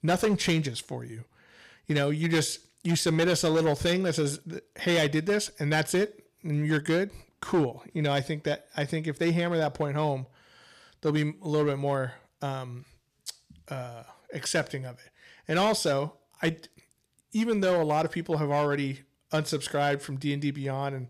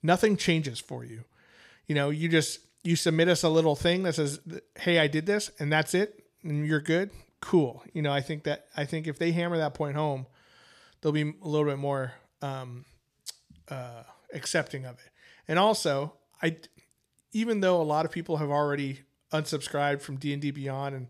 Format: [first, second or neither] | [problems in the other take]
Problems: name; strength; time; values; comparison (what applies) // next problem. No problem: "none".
second | distortion; slight; 5% of the sound clipped